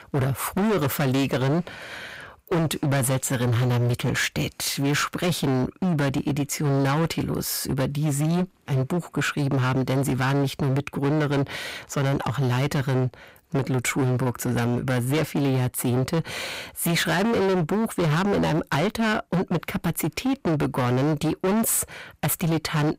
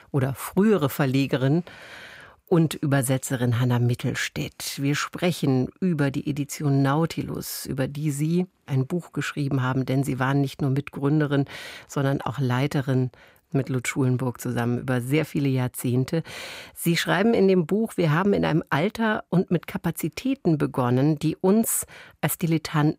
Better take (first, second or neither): second